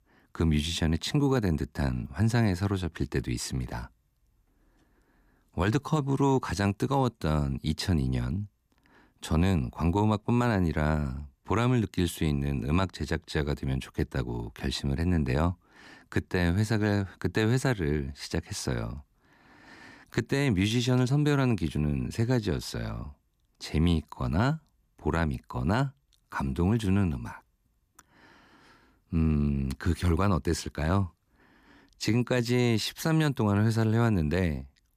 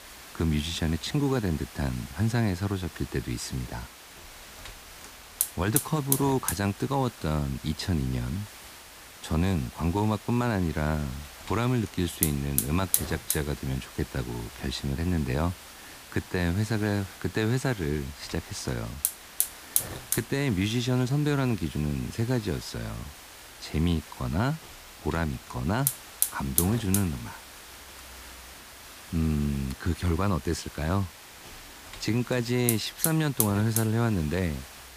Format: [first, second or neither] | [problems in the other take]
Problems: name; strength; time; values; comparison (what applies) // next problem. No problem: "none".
first | hiss; loud; throughout; 6 dB below the speech